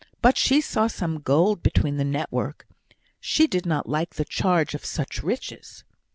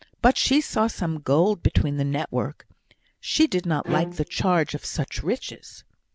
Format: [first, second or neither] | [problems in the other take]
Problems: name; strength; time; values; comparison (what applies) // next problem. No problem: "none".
first | background sound (Bowed string instrument); 9 dB below the speech